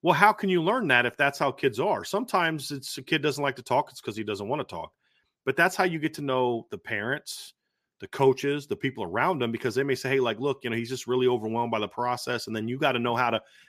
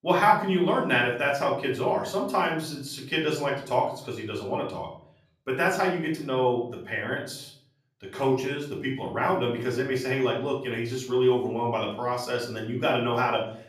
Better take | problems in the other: first | off-mic speech; far // room echo; slight; dies away in 0.5 s

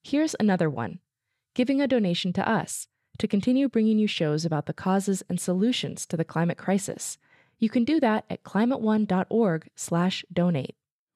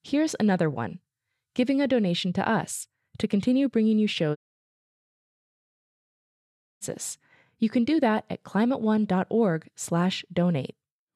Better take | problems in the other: first | audio cutting out; at 4.5 s for 2.5 s

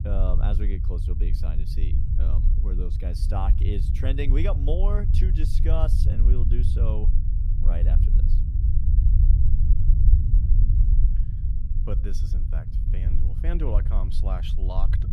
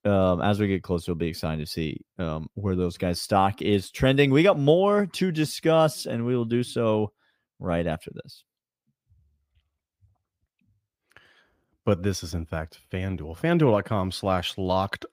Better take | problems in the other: second | low rumble; loud; throughout; 5 dB below the speech

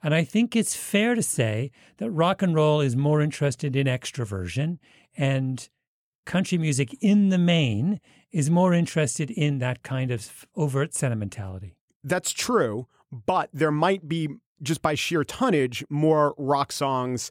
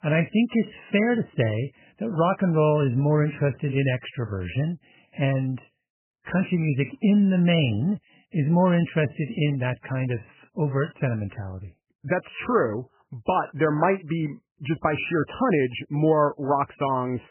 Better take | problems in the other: first | garbled, watery; badly; nothing above 3 kHz

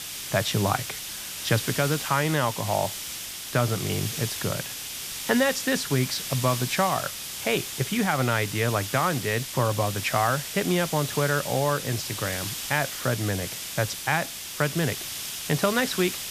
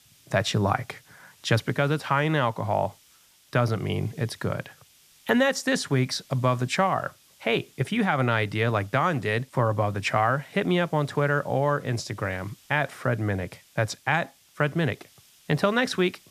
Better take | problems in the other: second | hiss; loud; throughout; 5 dB below the speech; faint in the second

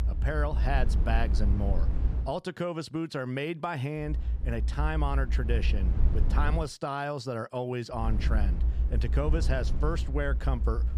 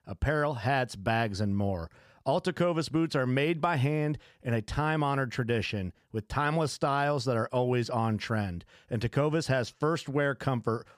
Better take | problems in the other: second | low rumble; noticeable; until 2.5 s, from 4 to 6.5 s and from 8 s on; 10 dB below the speech

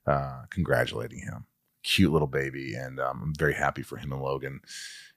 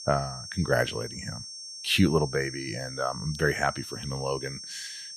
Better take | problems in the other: first | high-pitched whine; loud; throughout; 5.5 kHz, 9 dB below the speech

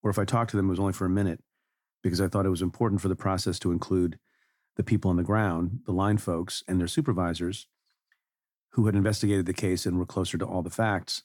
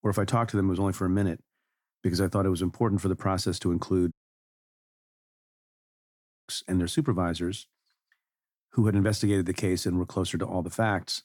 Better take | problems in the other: first | audio cutting out; at 4 s for 2.5 s

